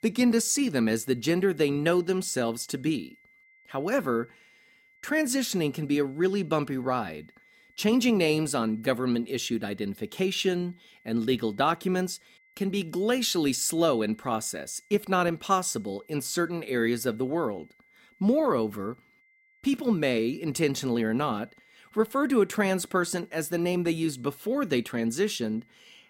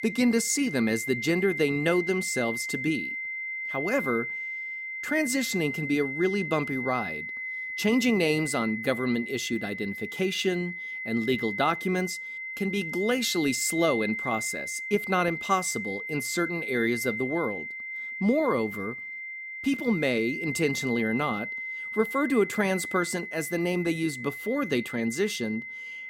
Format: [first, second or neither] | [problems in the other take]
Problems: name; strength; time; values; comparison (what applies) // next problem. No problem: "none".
first | high-pitched whine; loud; throughout; 2 kHz, 5 dB below the speech; faint in the first